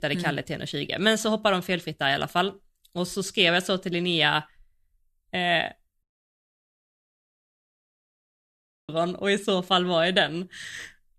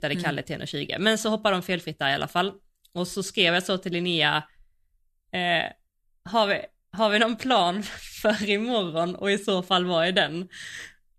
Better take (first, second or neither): second